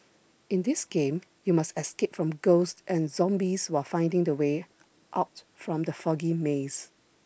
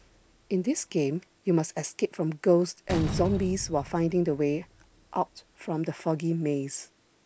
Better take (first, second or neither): first